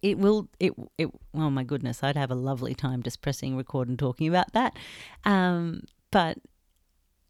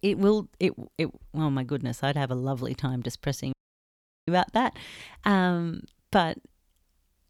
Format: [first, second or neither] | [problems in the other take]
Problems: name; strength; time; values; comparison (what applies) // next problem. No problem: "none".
first | audio cutting out; at 3.5 s for 0.5 s